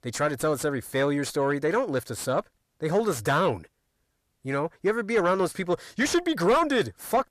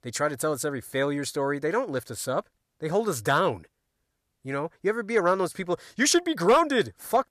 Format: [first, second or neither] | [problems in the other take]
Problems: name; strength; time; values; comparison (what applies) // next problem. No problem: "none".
second | distortion; slight; 10 dB below the speech